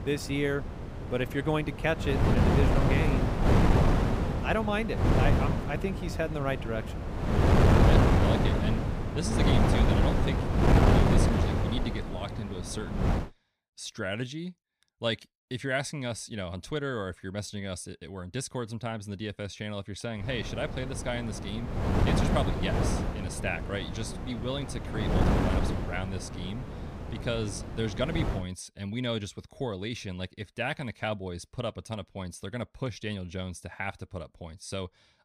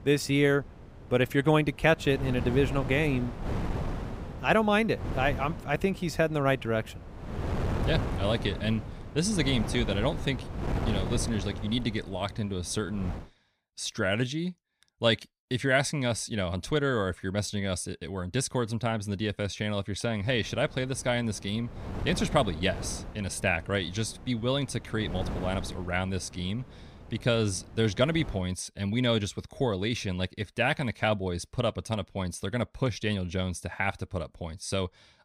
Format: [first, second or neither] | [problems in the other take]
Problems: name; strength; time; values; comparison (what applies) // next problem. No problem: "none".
second | wind noise on the microphone; heavy; until 13 s and from 20 to 28 s; 4 dB above the speech; occasional gusts in the second